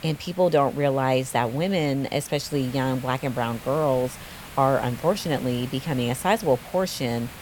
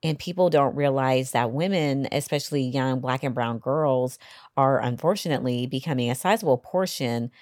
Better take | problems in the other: second | hiss; noticeable; throughout; 15 dB below the speech

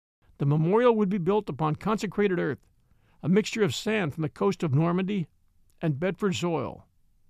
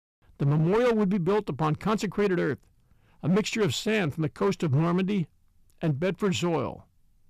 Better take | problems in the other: first | distortion; slight; 8% of the sound clipped

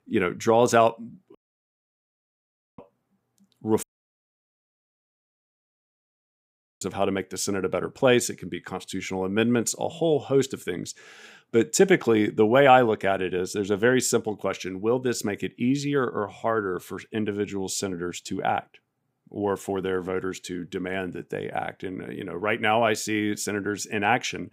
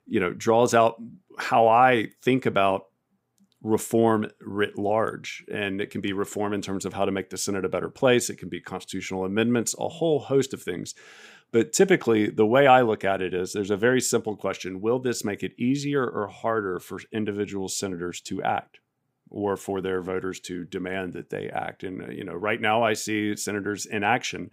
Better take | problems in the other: second | audio cutting out; at 1.5 s for 1.5 s and at 4 s for 3 s

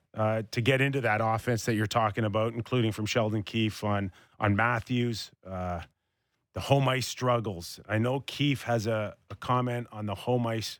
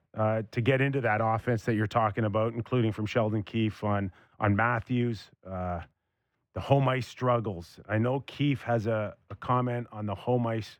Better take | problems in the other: first | muffled; slightly; fading above 3 kHz

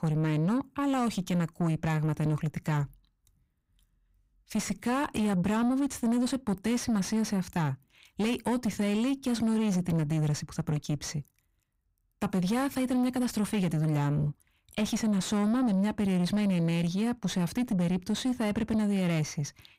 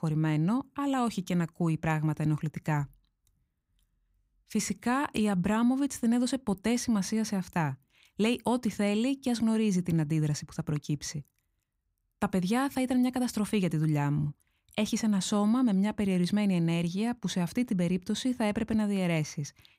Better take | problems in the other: second | distortion; slight; 10 dB below the speech

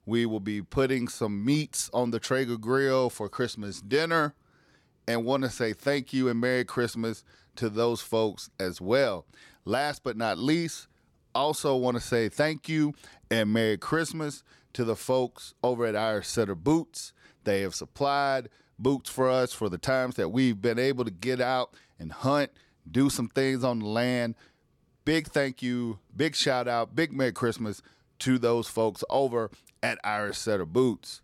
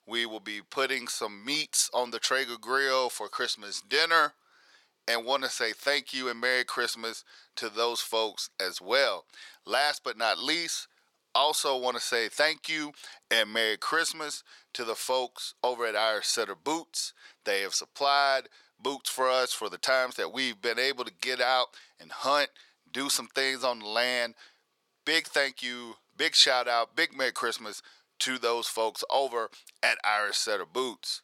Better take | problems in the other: first | thin; very; fading below 750 Hz

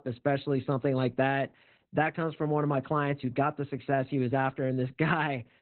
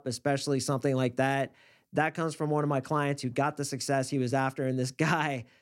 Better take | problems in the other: second | garbled, watery; badly; nothing above 4 kHz

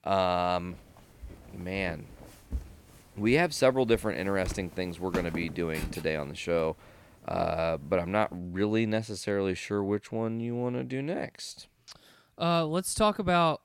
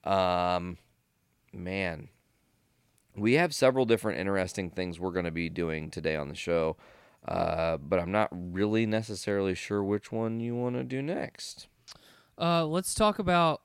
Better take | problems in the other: second | footsteps; noticeable; from 1 to 8 s; peak 7 dB below the speech

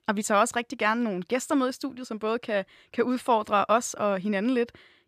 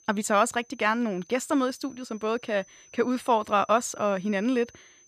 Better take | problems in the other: first | high-pitched whine; faint; throughout; 6 kHz, 25 dB below the speech

